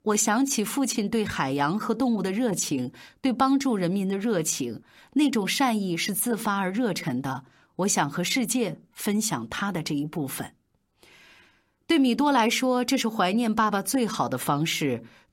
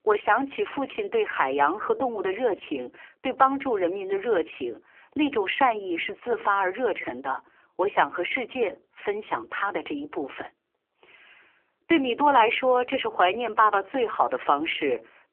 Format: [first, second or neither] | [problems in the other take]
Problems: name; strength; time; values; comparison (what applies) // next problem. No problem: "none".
first | phone-call audio; poor line; nothing above 3 kHz